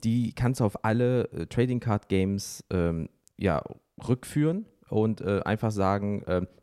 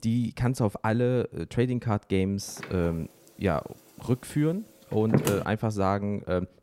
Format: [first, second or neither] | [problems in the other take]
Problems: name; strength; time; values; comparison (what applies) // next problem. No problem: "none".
first | door banging; loud; from 2.5 to 5.5 s; peak 2 dB above the speech